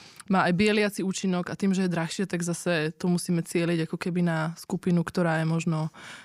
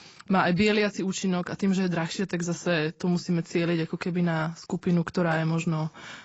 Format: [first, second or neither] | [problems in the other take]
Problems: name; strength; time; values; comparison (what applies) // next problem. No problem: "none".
first | garbled, watery; badly; nothing above 7.5 kHz